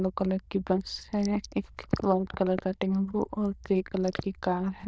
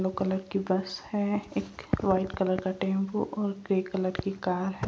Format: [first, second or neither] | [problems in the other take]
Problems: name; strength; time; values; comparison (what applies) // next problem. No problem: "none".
second | noise reduction (neural diffusion model UNIVERSE++)